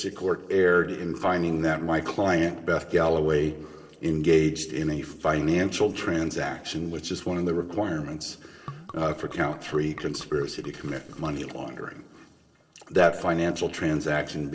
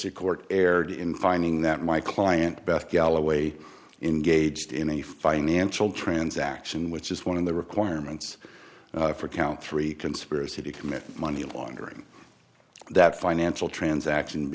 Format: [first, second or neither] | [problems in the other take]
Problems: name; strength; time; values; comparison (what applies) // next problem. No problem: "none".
second | noise reduction (neural separator model SepFormer DNS4)